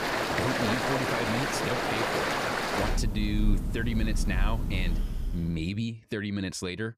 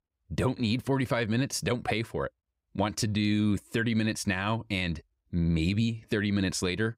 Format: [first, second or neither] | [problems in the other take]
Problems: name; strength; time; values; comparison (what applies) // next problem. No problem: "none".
second | rain or running water; very loud; until 5.5 s; 3 dB above the speech